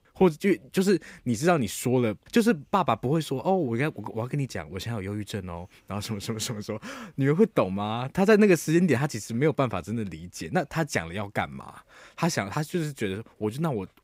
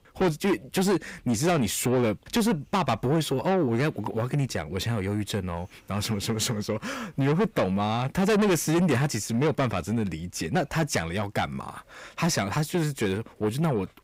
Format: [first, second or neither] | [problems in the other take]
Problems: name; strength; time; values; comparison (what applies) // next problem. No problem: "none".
first | distortion; heavy; 6 dB below the speech